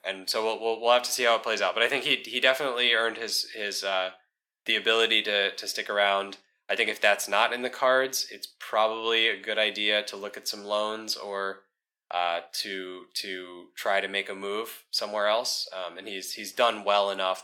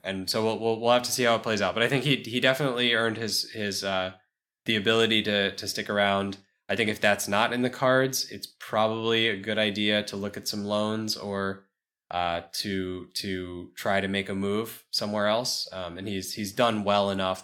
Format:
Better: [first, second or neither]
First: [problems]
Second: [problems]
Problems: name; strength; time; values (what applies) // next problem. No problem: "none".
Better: second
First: thin; somewhat; fading below 500 Hz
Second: none